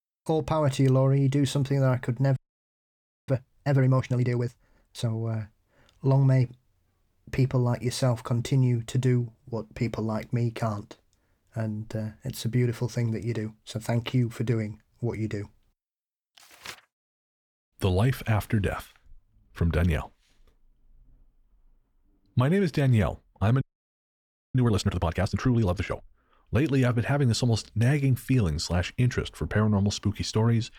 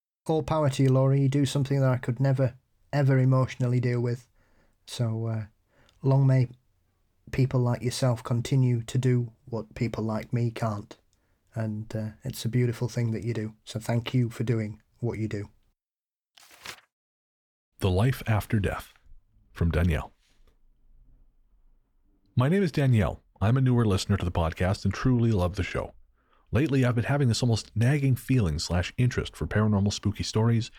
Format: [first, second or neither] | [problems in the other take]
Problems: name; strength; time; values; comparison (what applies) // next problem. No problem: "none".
second | audio freezing; at 2.5 s for 1 s and at 24 s for 1 s